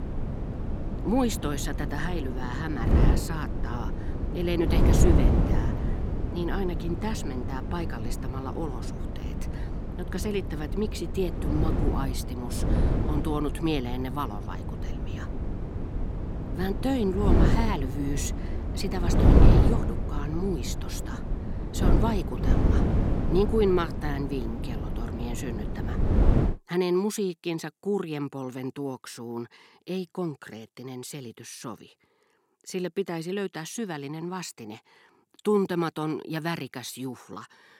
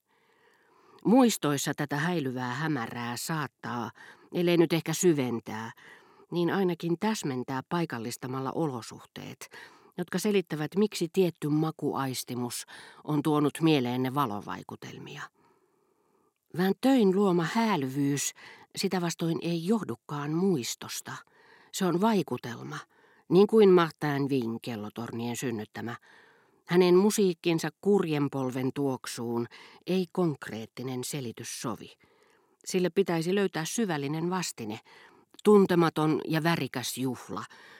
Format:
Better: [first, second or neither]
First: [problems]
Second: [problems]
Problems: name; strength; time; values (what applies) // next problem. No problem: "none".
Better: second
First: wind noise on the microphone; heavy; until 26 s; 3 dB below the speech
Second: none